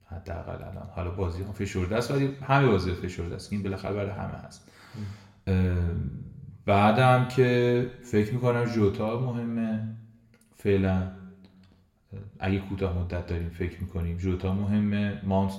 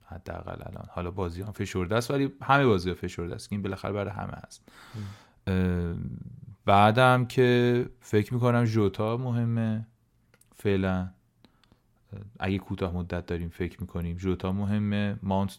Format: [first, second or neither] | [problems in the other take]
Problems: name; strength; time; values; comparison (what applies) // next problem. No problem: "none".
second | room echo; slight; dies away in 0.7 s